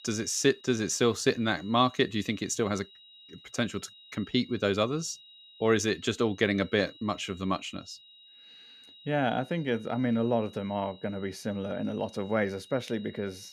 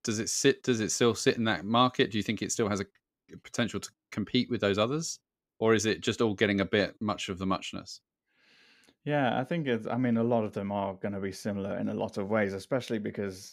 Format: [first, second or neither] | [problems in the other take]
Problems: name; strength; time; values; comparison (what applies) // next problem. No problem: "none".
second | high-pitched whine; faint; throughout; 4 kHz, 20 dB below the speech